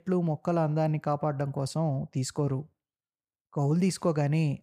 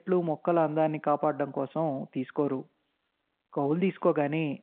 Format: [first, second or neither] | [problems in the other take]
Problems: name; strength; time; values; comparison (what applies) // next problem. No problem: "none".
first | phone-call audio